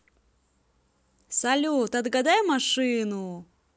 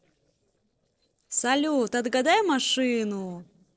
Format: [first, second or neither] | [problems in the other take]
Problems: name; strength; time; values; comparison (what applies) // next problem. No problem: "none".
first | noise reduction (neural separator model SepFormer DNS4)